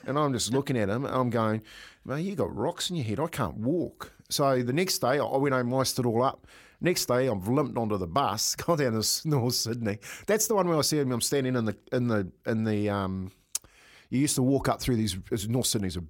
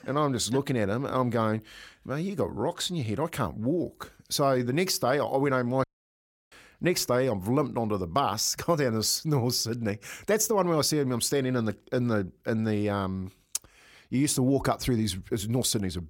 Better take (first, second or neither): first